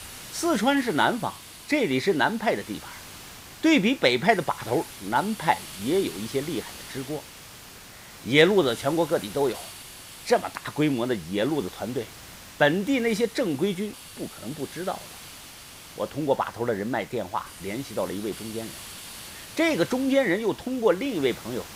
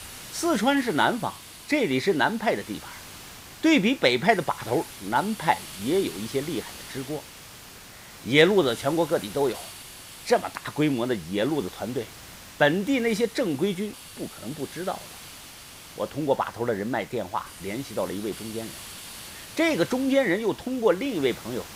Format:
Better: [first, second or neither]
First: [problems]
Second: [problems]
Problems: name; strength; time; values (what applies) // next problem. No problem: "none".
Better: neither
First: hiss; noticeable; throughout; 15 dB below the speech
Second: hiss; noticeable; throughout; 15 dB below the speech